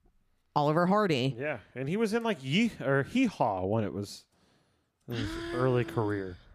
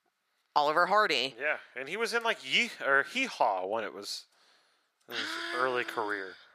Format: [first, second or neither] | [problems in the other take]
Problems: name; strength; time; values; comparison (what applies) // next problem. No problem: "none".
first | thin; very; fading below 600 Hz